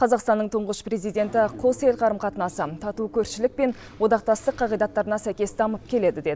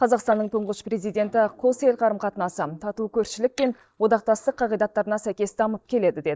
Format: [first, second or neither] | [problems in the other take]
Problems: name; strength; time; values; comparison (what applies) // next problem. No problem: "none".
first | noise reduction (neural mask model DeepFilterNet 3)